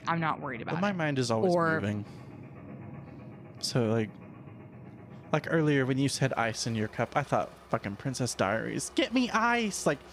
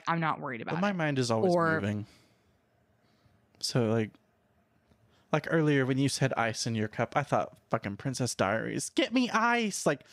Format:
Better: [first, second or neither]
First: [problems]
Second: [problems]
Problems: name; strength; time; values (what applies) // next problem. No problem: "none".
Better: second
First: machinery noise; noticeable; throughout; 20 dB below the speech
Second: none